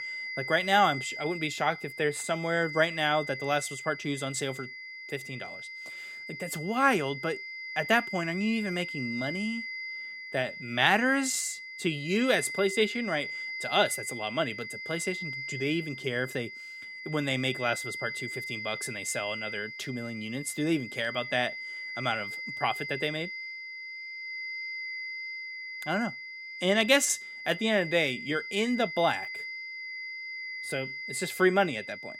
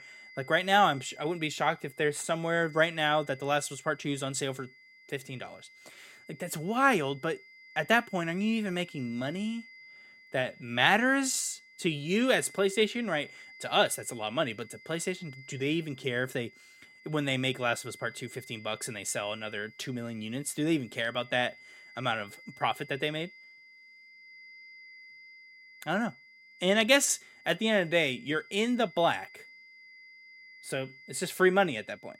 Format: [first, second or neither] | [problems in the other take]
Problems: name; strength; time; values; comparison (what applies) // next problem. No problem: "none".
second | high-pitched whine; loud; throughout; 2 kHz, 8 dB below the speech; faint in the second